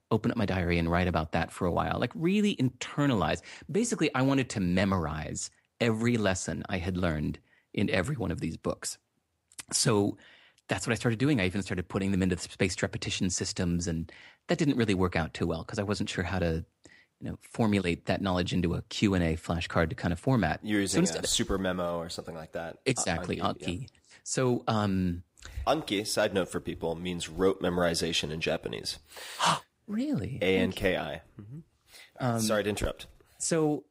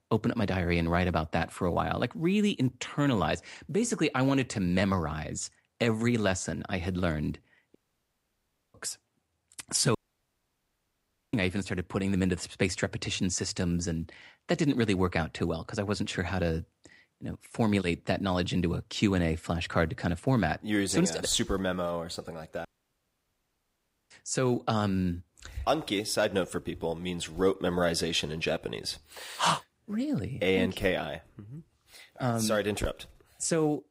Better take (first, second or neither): first